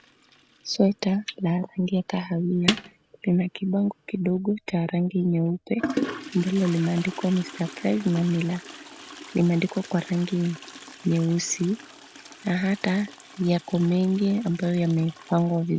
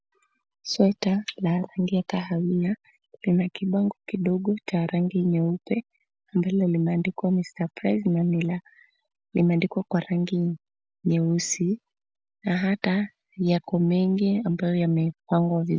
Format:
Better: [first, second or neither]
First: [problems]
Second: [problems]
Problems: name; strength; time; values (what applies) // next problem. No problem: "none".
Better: second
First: background sound (Toilet flush); 13 dB below the speech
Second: none